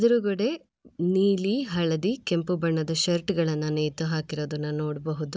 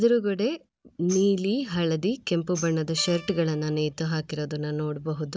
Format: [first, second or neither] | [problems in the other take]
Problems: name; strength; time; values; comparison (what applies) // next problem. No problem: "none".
first | background sound (Tambourine + Guitar); 18 dB below the speech